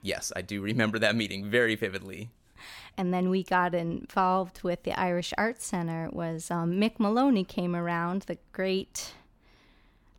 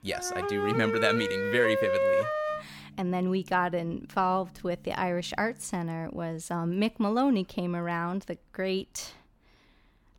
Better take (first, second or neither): first